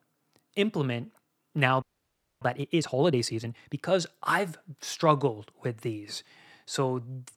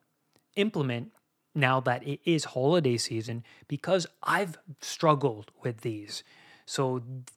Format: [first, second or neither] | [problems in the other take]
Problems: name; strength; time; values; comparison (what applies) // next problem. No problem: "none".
second | audio freezing; at 2 s for 0.5 s